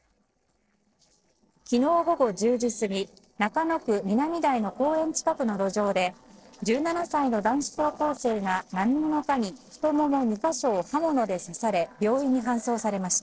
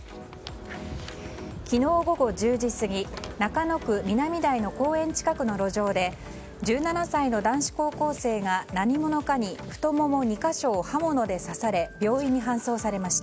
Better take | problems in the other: second | noise reduction (neural separator model SepFormer DNS4)

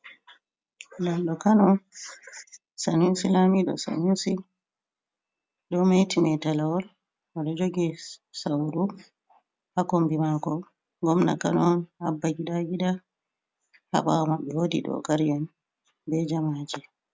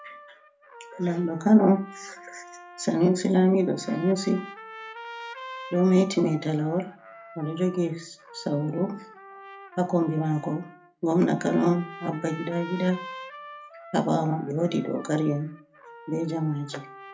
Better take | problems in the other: first | background sound (Trumpet); 17 dB below the speech // room echo; dies away in 0.3 s

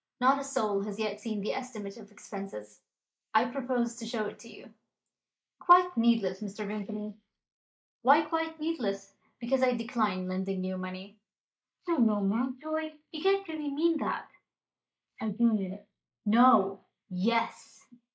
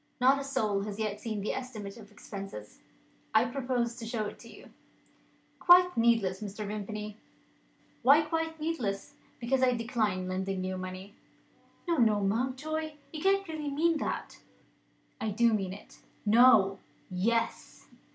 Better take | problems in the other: second | noise reduction (neural mask model Resemble Enhance denoiser)

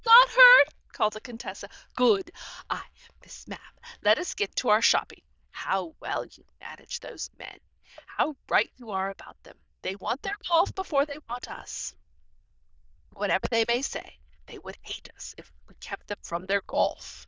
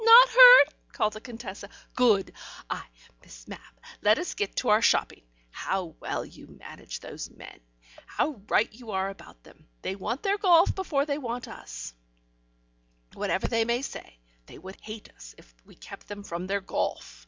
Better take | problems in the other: second | noise reduction (neural diffusion model UNIVERSE++)

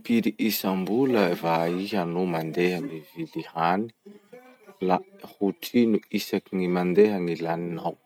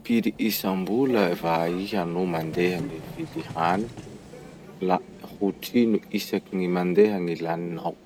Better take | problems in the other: first | background sound (Vehicle); 18 dB below the speech

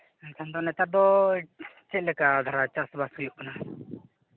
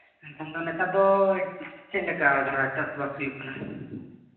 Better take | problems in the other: first | room echo; dies away in 1 s

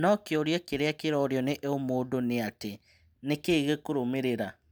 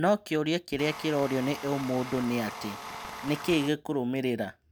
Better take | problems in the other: first | background sound (Tools); 11 dB below the speech

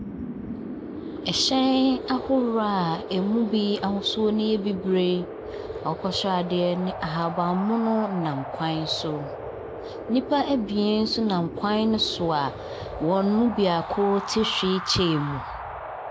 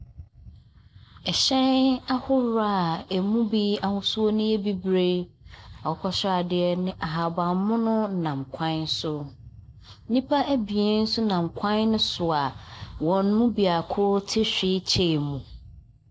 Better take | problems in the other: second | background sound (Wind); 10 dB below the speech

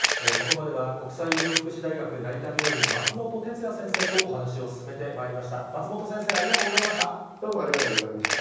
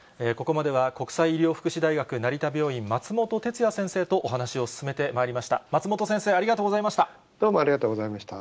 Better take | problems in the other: second | background sound (Camera); 1 dB above the speech // room echo; dies away in 1.1 s

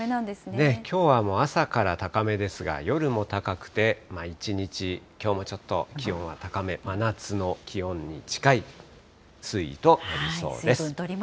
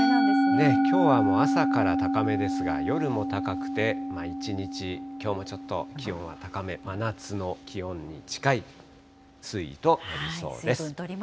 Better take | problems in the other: first | background sound (Musical instrument); 2 dB above the speech

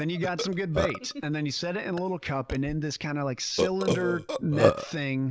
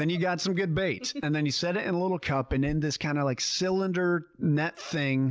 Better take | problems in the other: second | background sound (Burping, eructation); 2 dB below the speech

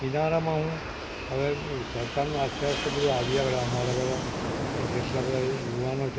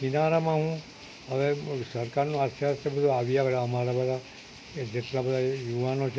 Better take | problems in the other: second | background sound (Fixed-wing aircraft, airplane); 4 dB below the speech

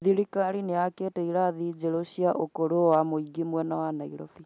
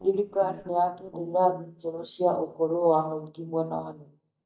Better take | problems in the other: first | noise reduction (neural mask model DeepFilterNet 3)

